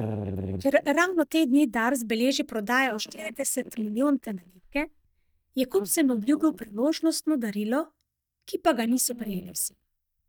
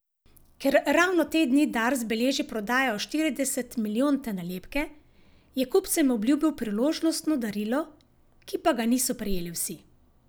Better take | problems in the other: second | noise reduction (neural mask model DeepFilterNet 3)

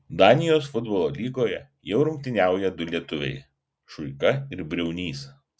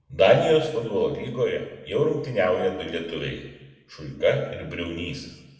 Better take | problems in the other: first | room echo; dies away in 1 s

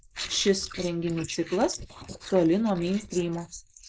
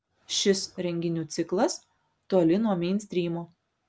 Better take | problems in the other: second | noise reduction (neural mask model Resemble Enhance denoiser)

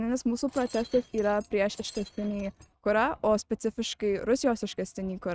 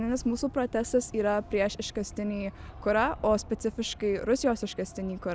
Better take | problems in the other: second | noise reduction (neural mask model RNNoise)

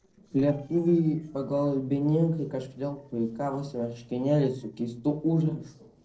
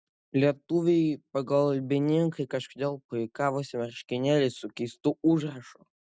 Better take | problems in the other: second | noise reduction (neural separator model SepFormer DNS4)

